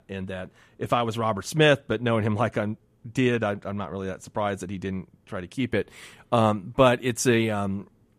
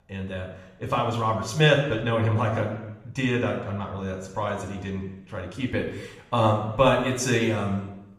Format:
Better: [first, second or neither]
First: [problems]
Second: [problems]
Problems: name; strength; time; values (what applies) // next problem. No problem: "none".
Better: first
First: none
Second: room echo; noticeable; dies away in 0.8 s // off-mic speech; somewhat distant